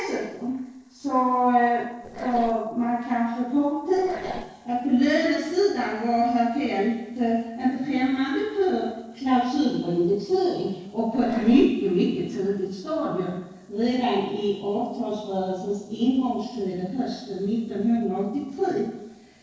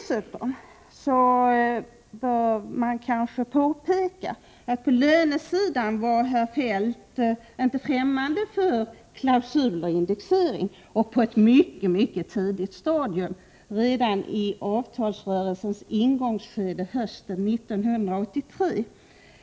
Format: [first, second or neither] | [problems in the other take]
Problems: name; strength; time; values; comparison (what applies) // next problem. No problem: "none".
second | noise reduction (neural separator model SepFormer DNS4)